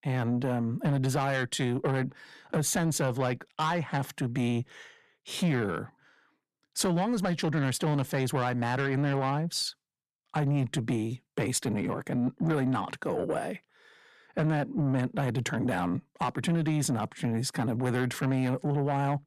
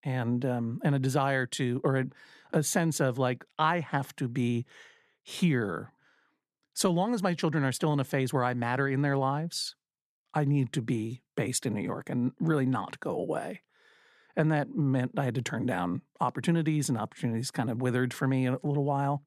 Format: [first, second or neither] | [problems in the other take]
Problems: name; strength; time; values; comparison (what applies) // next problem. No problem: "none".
second | distortion; slight; 10 dB below the speech